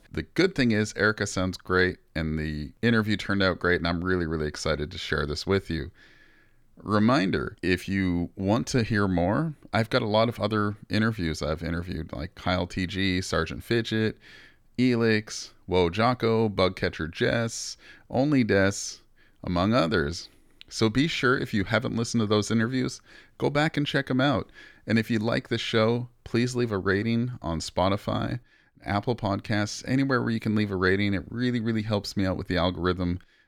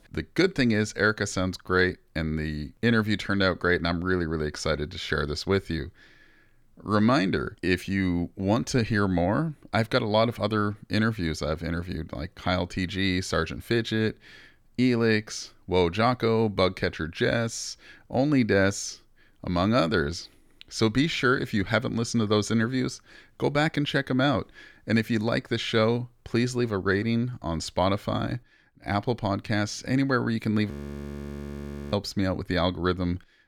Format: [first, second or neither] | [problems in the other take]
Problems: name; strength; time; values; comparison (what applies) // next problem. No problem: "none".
first | audio freezing; at 31 s for 1 s